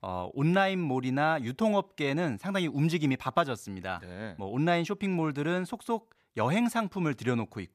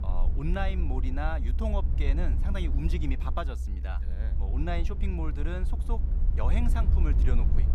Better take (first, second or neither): first